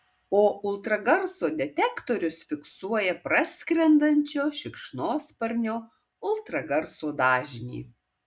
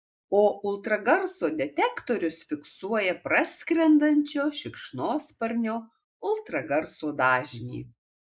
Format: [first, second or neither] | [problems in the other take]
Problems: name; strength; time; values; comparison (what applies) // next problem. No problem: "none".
first | noise reduction (neural mask model Resemble Enhance denoiser)